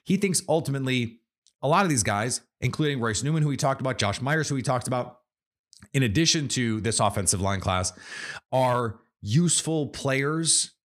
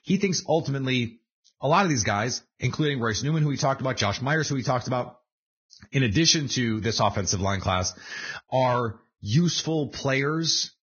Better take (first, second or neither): first